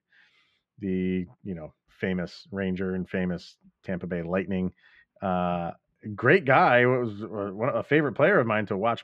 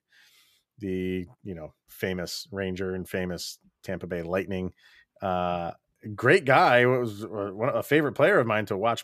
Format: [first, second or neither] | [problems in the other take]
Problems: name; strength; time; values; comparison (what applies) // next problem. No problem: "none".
second | muffled; slightly; fading above 2.5 kHz